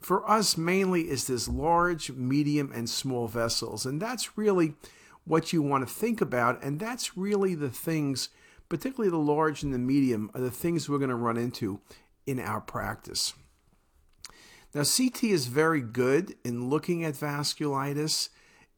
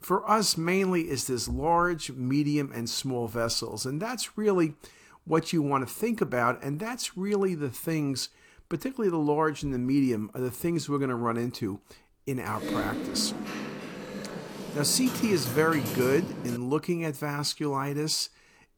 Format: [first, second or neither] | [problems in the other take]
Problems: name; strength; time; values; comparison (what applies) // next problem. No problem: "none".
first | keyboard typing; noticeable; from 12 to 17 s; peak 4 dB below the speech